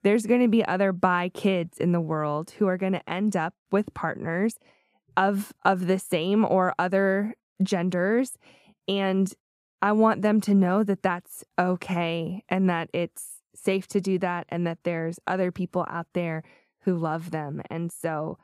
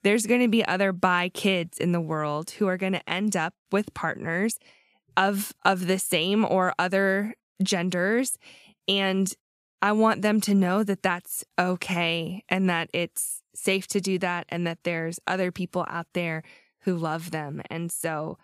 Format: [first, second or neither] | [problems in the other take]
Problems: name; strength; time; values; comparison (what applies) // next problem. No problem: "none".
second | muffled; slightly; fading above 2 kHz